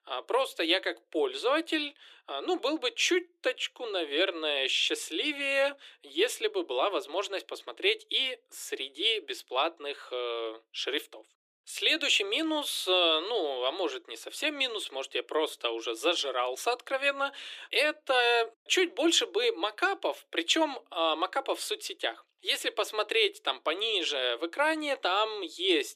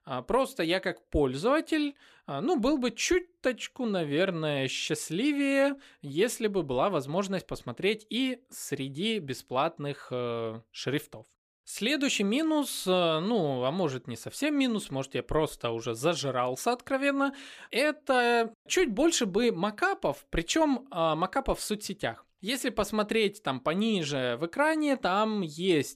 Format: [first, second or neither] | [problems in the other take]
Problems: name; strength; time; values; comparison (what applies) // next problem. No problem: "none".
second | thin; very; fading below 300 Hz